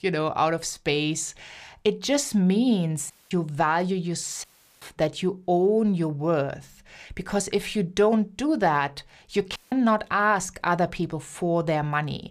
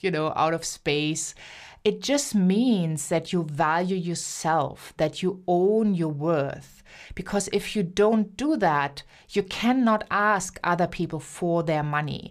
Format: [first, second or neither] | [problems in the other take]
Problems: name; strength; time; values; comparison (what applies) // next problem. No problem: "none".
second | audio cutting out; at 3 s, at 4.5 s and at 9.5 s